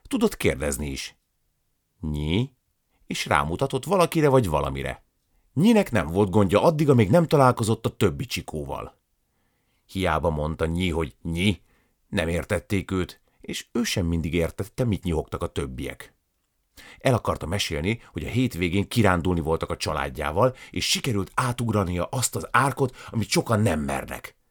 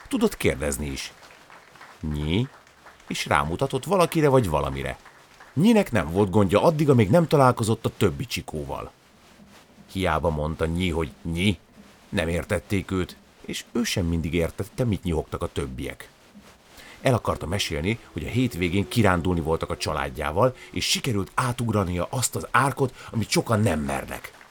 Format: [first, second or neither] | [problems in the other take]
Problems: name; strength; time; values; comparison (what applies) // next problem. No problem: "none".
first | crowd noise; faint; throughout; 25 dB below the speech